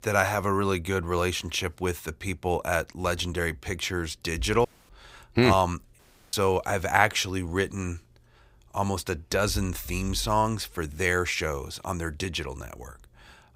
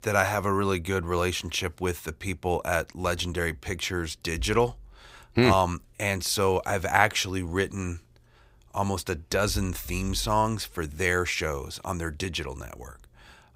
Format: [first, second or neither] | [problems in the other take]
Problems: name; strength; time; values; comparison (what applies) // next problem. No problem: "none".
second | audio cutting out; at 4.5 s and at 6 s